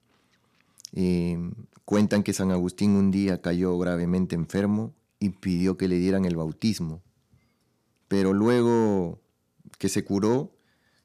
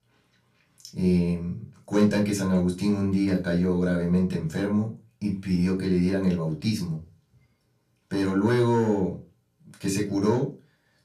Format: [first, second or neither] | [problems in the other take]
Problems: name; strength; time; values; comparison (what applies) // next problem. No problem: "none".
first | off-mic speech; far // room echo; very slight; dies away in 0.2 s